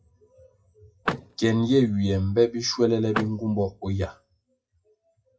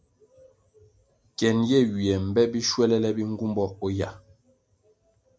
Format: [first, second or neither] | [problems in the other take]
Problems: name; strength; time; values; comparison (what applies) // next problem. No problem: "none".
second | noise reduction (classical method WPE with log-MMSE)